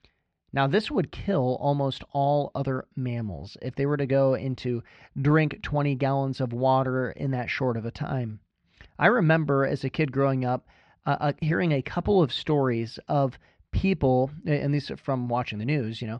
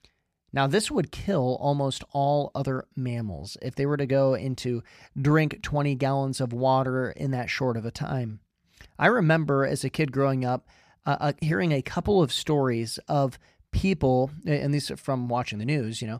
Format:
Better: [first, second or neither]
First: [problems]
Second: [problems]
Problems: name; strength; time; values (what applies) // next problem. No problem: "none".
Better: second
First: muffled; very slightly; fading above 4 kHz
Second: none